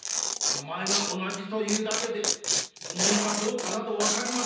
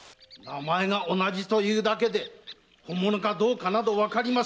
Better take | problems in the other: second | background sound (Tearing); 2 dB above the speech // room echo; dies away in 0.9 s

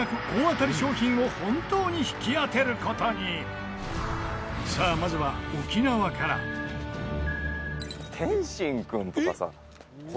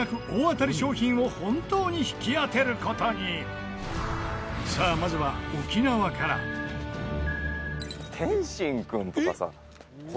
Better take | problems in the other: second | background sound (Gong); 14 dB below the speech

